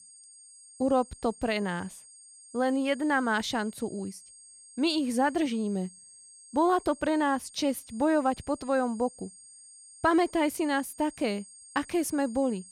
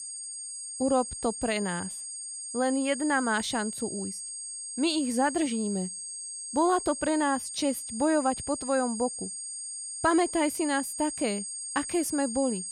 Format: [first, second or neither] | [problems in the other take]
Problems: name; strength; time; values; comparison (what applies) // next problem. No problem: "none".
first | high-pitched whine; loud; throughout; 8.5 kHz, 6 dB below the speech; faint in the first